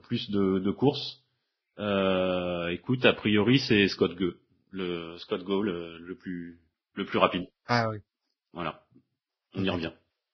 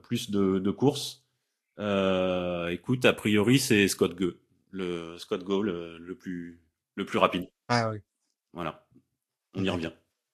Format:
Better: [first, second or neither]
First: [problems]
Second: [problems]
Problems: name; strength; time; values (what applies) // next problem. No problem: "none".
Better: second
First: garbled, watery; badly; nothing above 5.5 kHz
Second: garbled, watery; slightly; nothing above 13 kHz